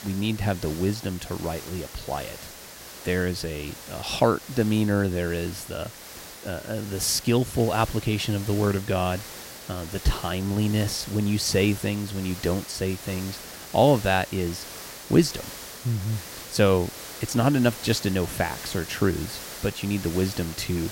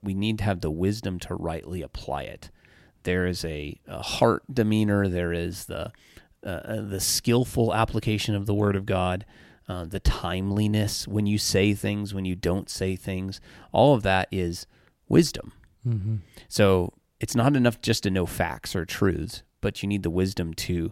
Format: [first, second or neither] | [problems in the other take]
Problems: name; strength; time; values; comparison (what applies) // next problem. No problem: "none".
second | hiss; noticeable; throughout; 10 dB below the speech